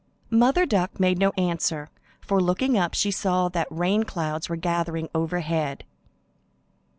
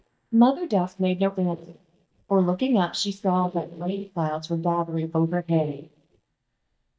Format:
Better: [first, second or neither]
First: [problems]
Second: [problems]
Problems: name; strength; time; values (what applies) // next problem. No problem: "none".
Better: first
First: none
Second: noise reduction (neural mask model DeepFilterNet 3)